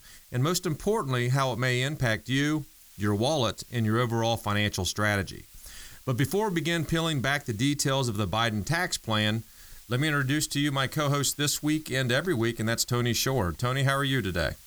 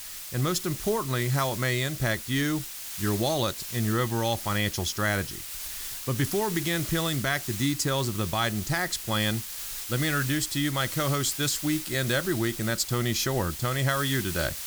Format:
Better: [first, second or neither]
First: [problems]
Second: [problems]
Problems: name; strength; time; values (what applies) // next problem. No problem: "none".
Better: first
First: hiss; faint; throughout; 25 dB below the speech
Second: hiss; loud; throughout; 6 dB below the speech